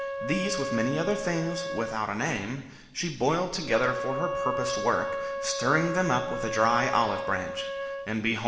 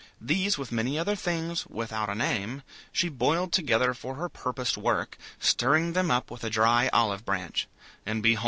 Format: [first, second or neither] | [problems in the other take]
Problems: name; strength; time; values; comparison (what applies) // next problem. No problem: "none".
second | background sound (Wind instrument, woodwind instrument); 5 dB below the speech // room echo; dies away in 1 s